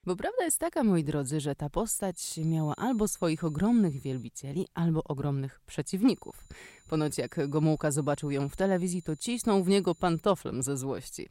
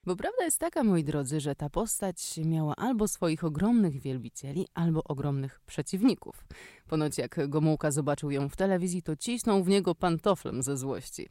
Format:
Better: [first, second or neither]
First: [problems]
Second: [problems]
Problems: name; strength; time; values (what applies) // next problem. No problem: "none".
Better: second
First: high-pitched whine; faint; from 2 to 4 s and from 6 to 10 s; 7 kHz, 30 dB below the speech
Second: none